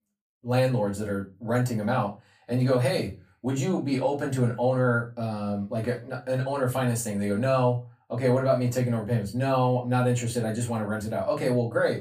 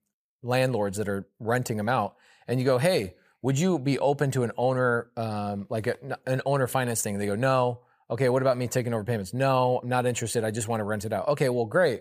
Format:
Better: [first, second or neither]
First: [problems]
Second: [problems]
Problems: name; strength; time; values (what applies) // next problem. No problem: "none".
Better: second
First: off-mic speech; far // room echo; very slight; dies away in 0.2 s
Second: none